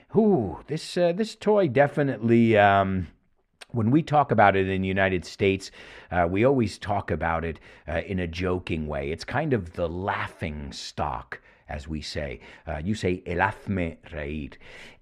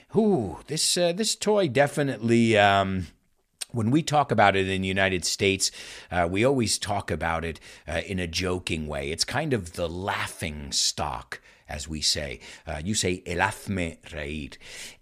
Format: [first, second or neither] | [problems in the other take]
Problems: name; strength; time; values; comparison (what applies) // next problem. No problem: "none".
second | muffled; very; fading above 3.5 kHz